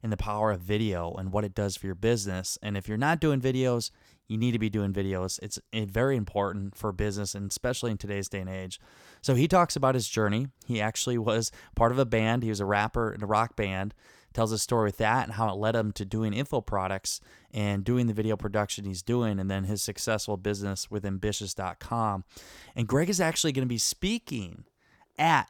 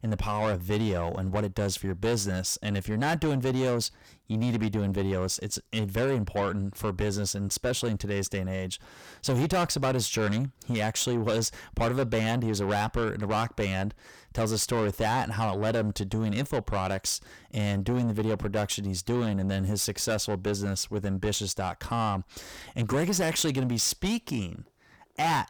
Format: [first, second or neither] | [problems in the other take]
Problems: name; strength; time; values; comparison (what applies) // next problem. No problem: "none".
first | distortion; heavy; 8 dB below the speech